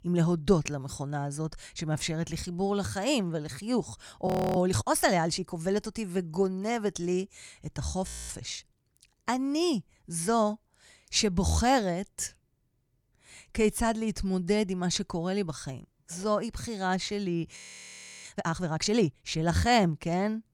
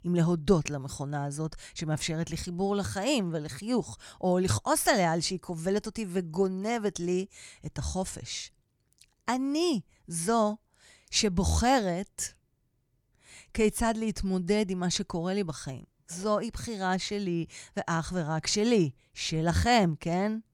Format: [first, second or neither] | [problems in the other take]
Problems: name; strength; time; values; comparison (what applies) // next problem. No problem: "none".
second | audio freezing; at 4.5 s, at 8 s and at 18 s for 0.5 s